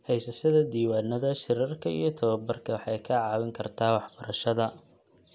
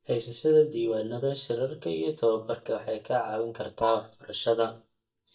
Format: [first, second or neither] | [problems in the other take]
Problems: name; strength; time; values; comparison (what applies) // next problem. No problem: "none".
first | noise reduction (neural mask model DeepFilterNet 3)